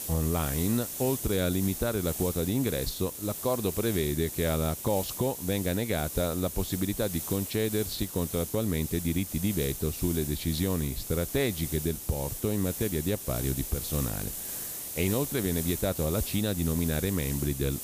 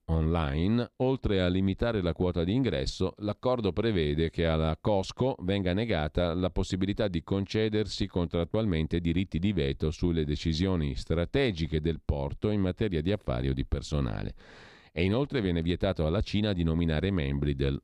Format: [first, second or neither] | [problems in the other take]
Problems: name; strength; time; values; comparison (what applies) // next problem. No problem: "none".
second | hiss; loud; throughout; 5 dB below the speech